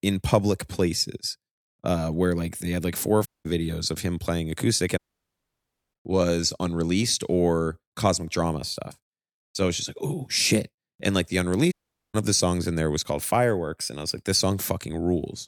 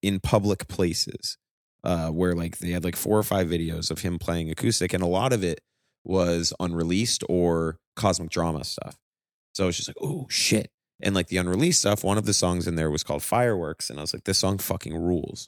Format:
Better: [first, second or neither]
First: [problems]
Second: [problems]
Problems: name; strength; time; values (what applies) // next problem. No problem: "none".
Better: second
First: audio cutting out; at 3.5 s, at 5 s for 1 s and at 12 s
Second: none